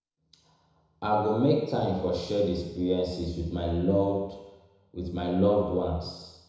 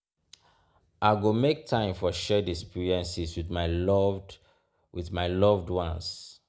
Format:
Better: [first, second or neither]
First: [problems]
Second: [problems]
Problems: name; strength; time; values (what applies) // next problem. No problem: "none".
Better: second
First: room echo; dies away in 1 s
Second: none